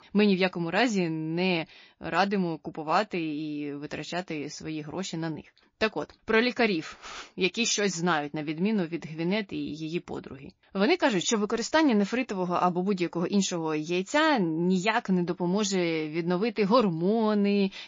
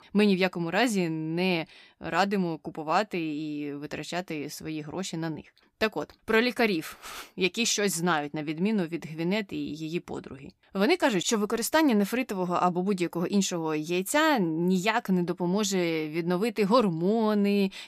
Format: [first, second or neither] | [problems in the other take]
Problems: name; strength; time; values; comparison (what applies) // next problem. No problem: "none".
second | garbled, watery; slightly; nothing above 7 kHz